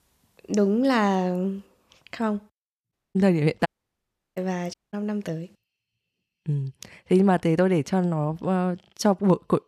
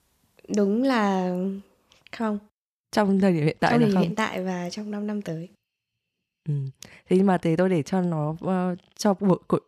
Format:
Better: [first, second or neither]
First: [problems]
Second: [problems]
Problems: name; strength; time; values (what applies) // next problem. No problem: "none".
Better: second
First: audio cutting out; at 3 s, at 3.5 s for 0.5 s and at 4.5 s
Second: none